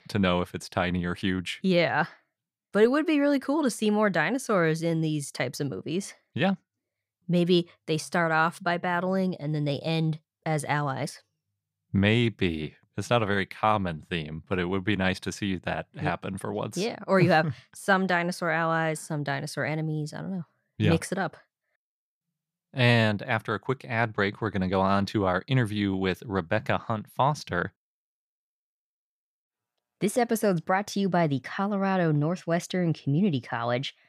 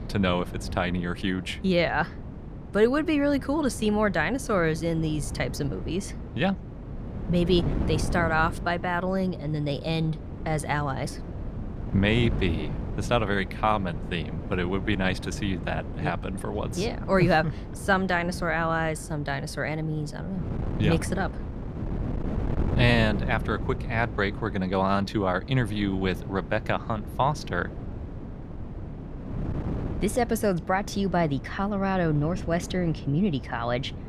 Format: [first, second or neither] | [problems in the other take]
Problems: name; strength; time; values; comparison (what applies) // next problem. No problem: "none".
first | wind noise on the microphone; occasional gusts; 15 dB below the speech